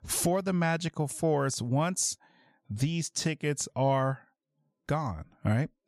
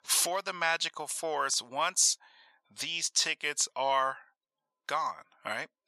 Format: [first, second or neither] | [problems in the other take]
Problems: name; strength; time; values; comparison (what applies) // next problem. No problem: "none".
first | thin; very; fading below 800 Hz